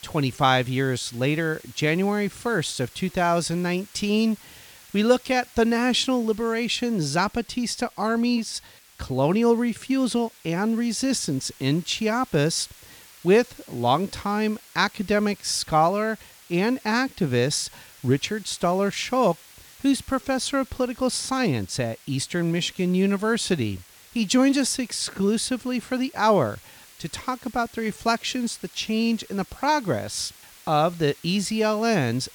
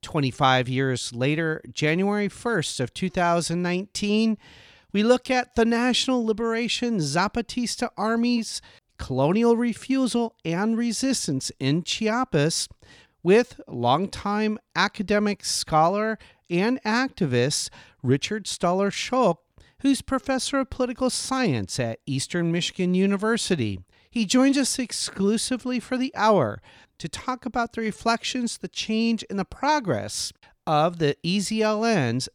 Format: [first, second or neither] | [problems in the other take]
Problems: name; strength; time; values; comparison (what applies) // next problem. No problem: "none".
second | hiss; faint; throughout; 25 dB below the speech